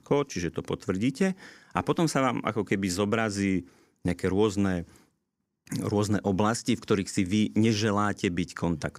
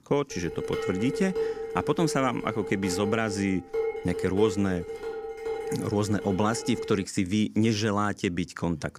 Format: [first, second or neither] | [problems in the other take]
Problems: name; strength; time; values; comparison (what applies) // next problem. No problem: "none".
first | clattering dishes; noticeable; until 7 s; peak 2 dB below the speech